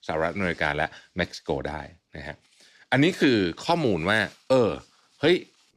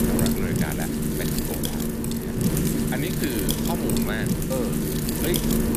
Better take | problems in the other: first | wind noise on the microphone; heavy; 4 dB above the speech

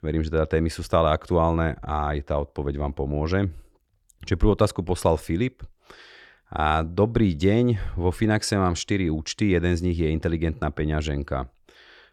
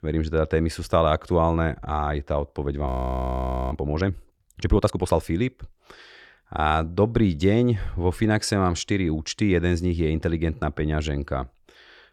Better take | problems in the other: first | audio freezing; at 3 s for 1 s

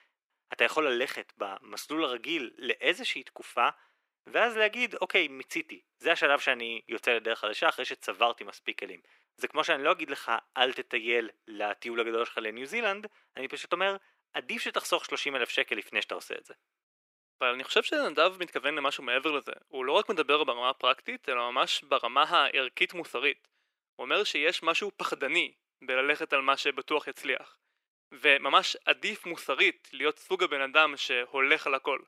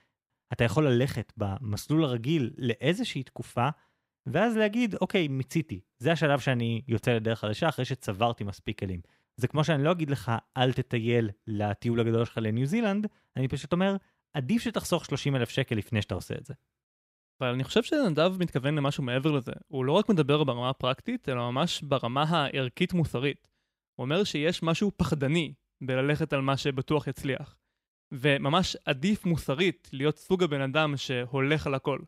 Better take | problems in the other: second | thin; very; fading below 350 Hz

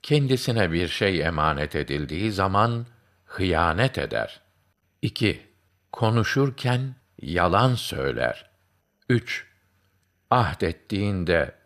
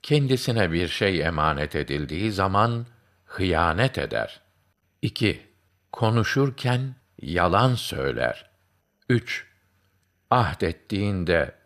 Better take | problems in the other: neither | none

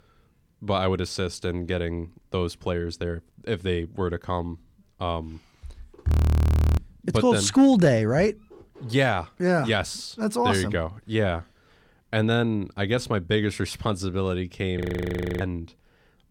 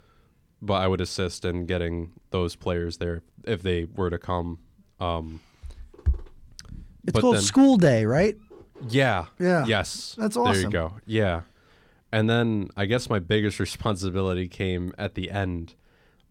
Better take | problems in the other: second | audio freezing; at 6 s for 0.5 s and at 15 s for 0.5 s

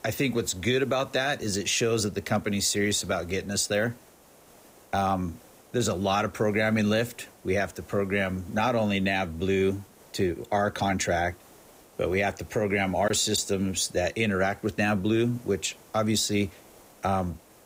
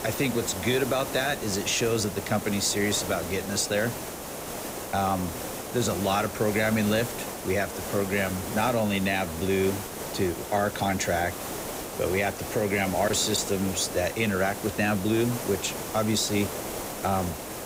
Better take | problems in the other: first | hiss; loud; throughout; 7 dB below the speech; faint in the first

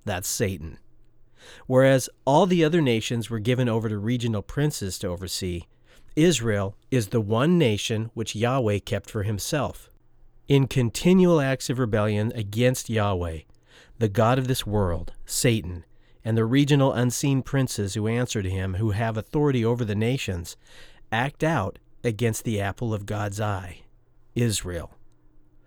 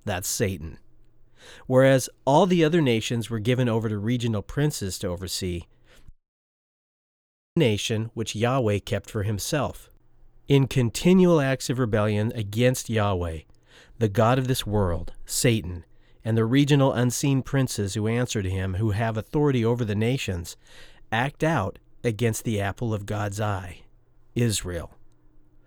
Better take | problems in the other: first | audio cutting out; at 6 s for 1.5 s

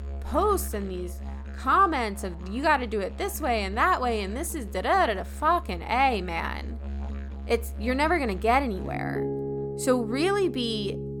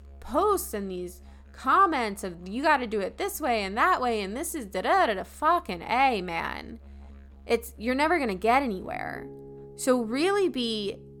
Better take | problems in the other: second | background music; loud; throughout; 10 dB below the speech; faint in the second

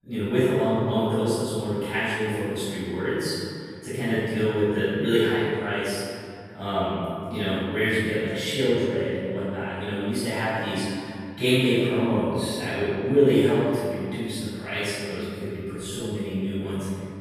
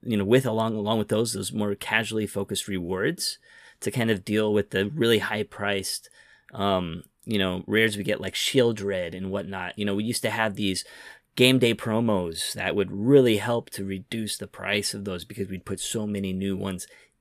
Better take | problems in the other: second | off-mic speech; far // room echo; strong; dies away in 2.3 s

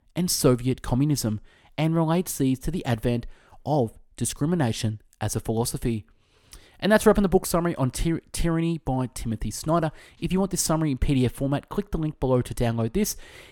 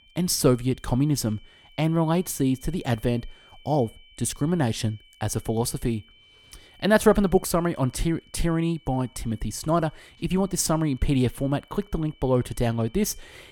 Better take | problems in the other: first | high-pitched whine; faint; throughout; 3 kHz, 30 dB below the speech

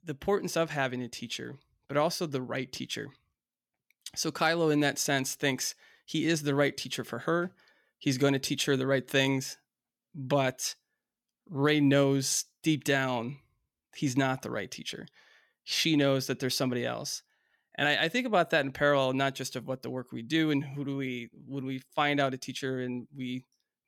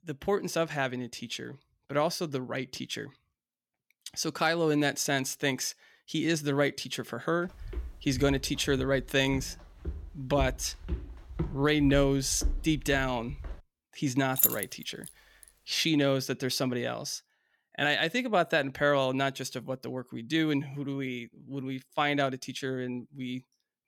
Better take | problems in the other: first | footsteps; noticeable; from 7.5 to 14 s; peak 6 dB below the speech // jangling keys; loud; at 14 s; peak 5 dB above the speech

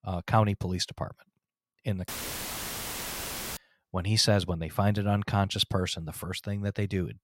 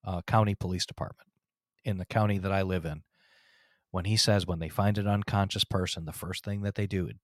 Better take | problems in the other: second | audio cutting out; filled with static; at 2 s for 1.5 s

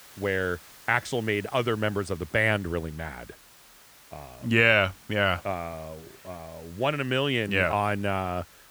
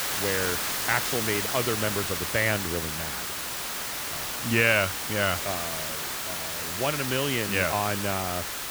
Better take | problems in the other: first | hiss; loud; throughout; 1 dB below the speech; faint in the first

